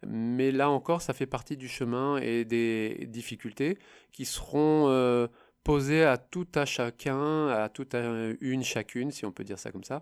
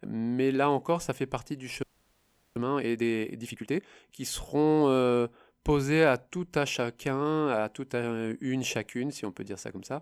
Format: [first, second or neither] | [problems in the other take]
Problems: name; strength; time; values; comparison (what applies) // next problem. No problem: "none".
first | audio freezing; at 2 s for 0.5 s